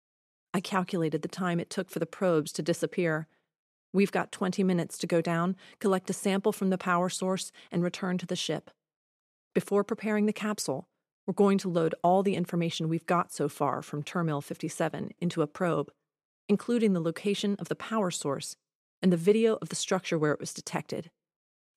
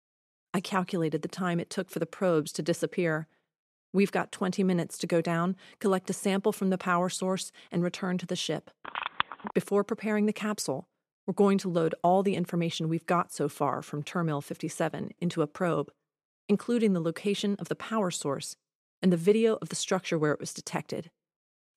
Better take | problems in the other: first | phone ringing; noticeable; at 9 s; peak 3 dB below the speech

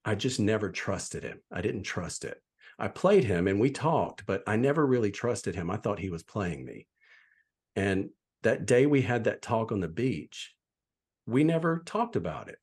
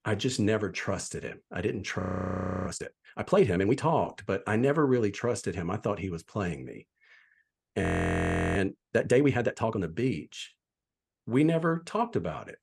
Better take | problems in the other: first | audio freezing; at 2 s for 0.5 s and at 8 s for 0.5 s

